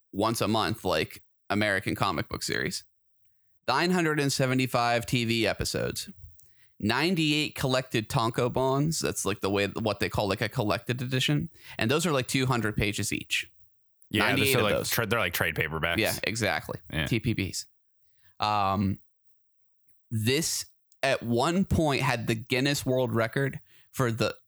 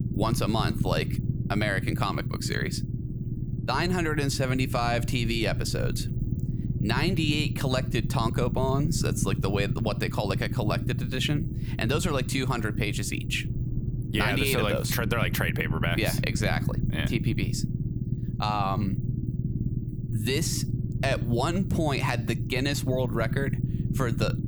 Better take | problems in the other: first | low rumble; noticeable; throughout; 10 dB below the speech

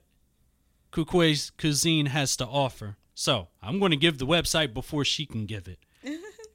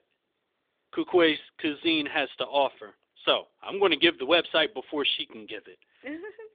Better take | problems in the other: first | phone-call audio

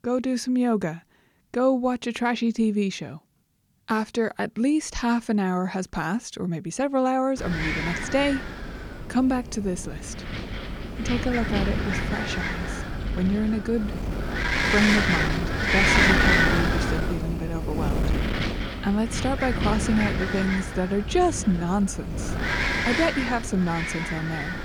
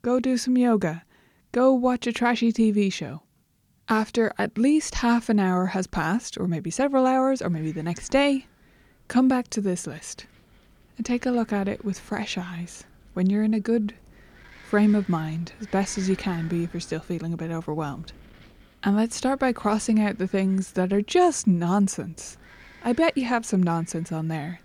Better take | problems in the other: second | wind noise on the microphone; heavy; from 7.5 s on; 4 dB above the speech; occasional gusts in the second

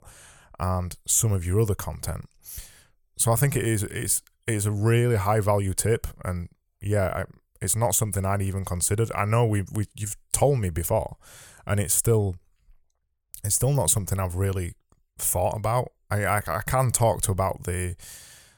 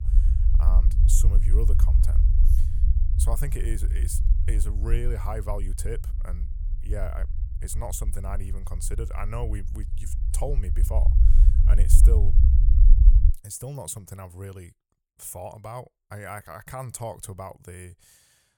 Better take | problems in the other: first | low rumble; loud; until 13 s; 7 dB below the speech

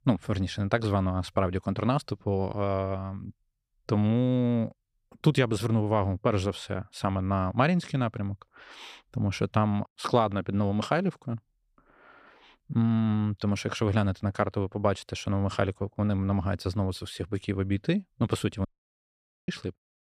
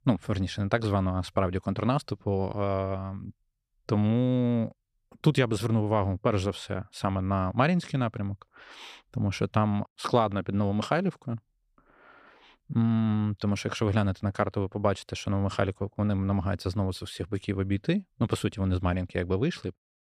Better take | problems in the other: second | audio cutting out; at 19 s for 1 s

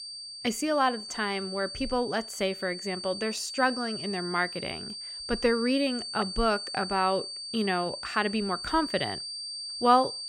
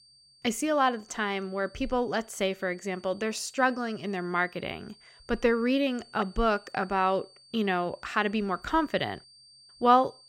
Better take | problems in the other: second | high-pitched whine; loud; throughout; 4.5 kHz, 7 dB below the speech; faint in the second

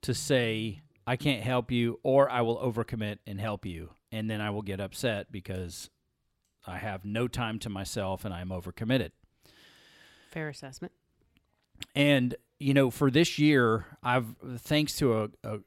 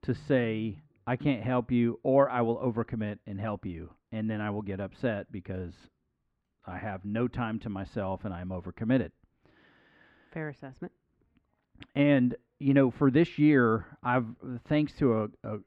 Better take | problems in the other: first | muffled; very; fading above 1.5 kHz

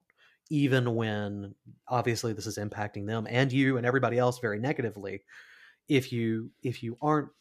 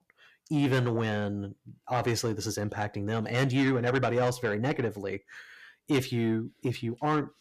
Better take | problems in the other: first | distortion; slight; 10 dB below the speech

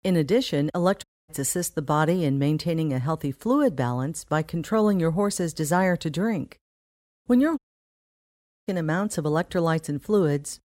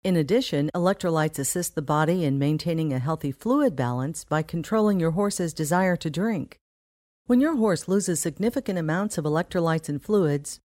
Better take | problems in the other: second | audio cutting out; at 1 s and at 7.5 s for 1 s

